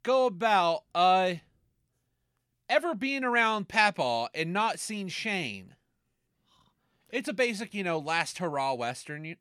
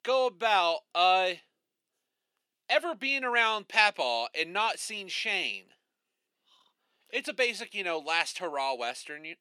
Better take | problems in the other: first | thin; somewhat; fading below 350 Hz

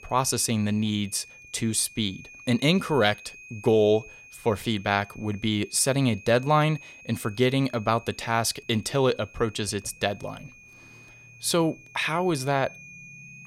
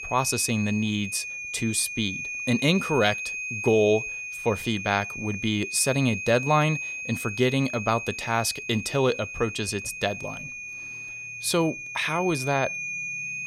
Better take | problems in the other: first | high-pitched whine; loud; throughout; 2.5 kHz, 6 dB below the speech; faint in the first

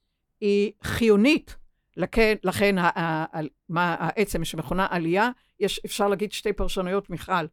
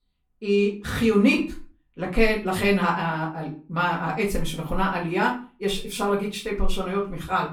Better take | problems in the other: first | off-mic speech; far // room echo; slight; dies away in 0.3 s

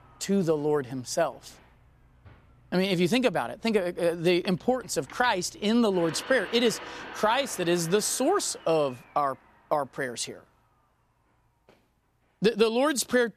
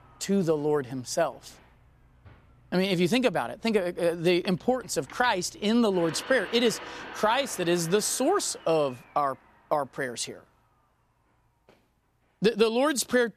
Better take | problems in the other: neither | household noises; noticeable; throughout; 15 dB below the speech; the same in both

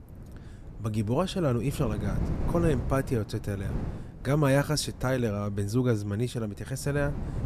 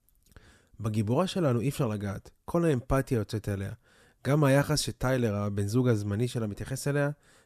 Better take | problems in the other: second | wind noise on the microphone; occasional gusts; 15 dB below the speech

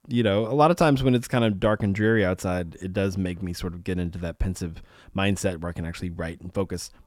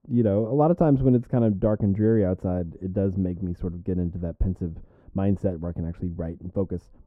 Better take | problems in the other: first | muffled; very; fading above 1.5 kHz

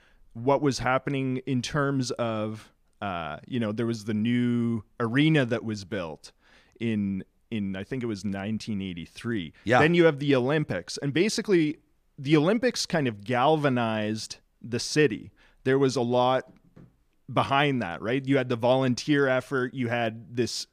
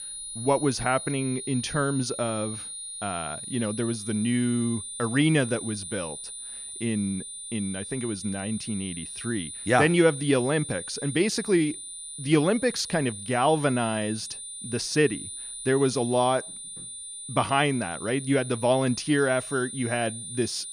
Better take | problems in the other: first | high-pitched whine; loud; throughout; 9.5 kHz, 9 dB below the speech

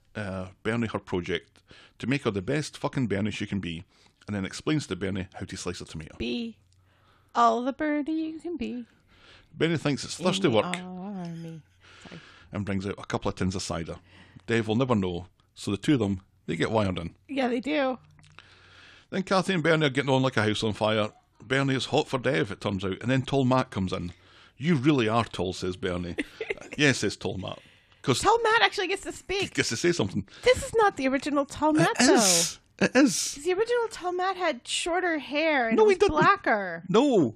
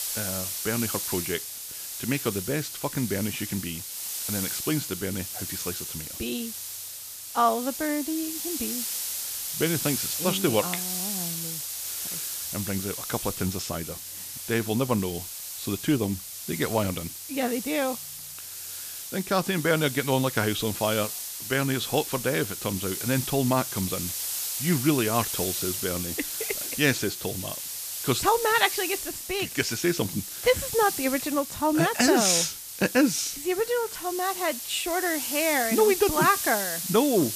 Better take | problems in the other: first | hiss; loud; throughout; 4 dB below the speech

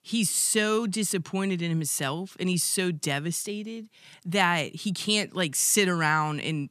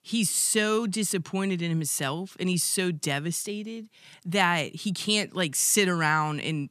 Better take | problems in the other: neither | none

